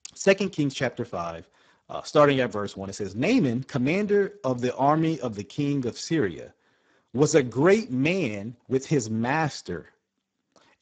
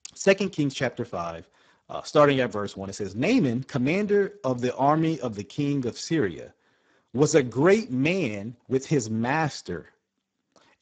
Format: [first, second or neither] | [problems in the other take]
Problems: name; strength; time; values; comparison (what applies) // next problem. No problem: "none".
neither | garbled, watery; badly; nothing above 7.5 kHz; the same in both